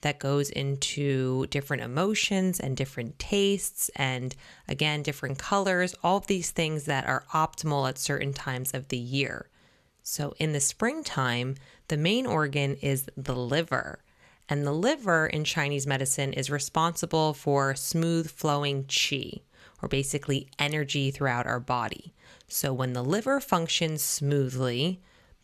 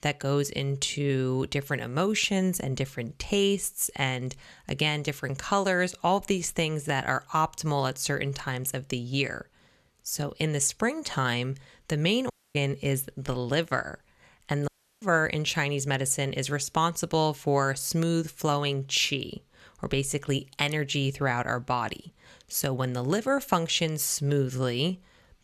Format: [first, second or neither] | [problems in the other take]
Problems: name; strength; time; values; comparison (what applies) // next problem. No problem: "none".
first | audio cutting out; at 12 s and at 15 s